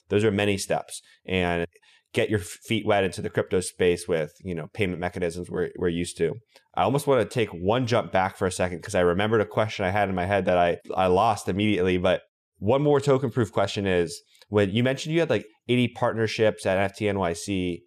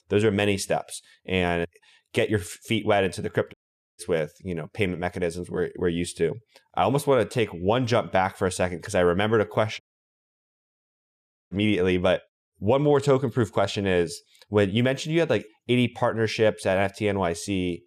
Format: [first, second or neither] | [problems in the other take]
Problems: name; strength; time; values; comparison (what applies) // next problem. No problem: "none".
first | audio cutting out; at 3.5 s and at 10 s for 1.5 s